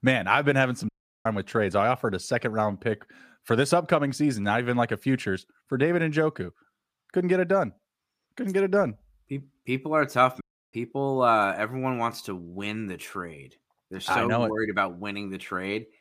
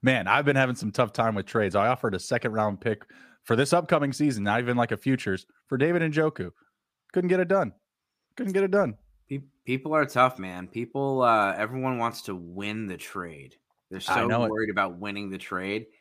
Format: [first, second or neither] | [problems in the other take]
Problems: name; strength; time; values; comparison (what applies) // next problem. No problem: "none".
second | audio cutting out; at 1 s and at 10 s